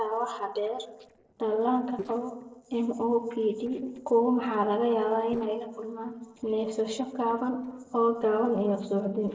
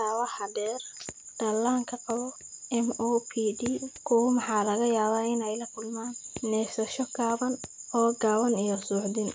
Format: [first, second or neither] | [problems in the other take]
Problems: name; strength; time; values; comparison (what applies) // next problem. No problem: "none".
second | noise reduction (neural separator model SepFormer DNS4)